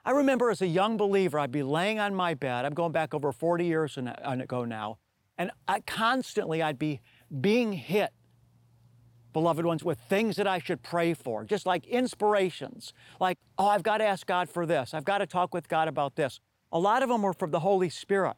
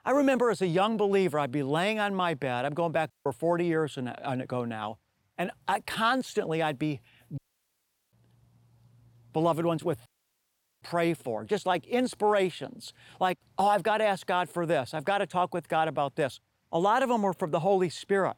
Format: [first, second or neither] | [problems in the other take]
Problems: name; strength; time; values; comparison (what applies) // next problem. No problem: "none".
first | audio cutting out; at 3 s, at 7.5 s for 0.5 s and at 10 s for 1 s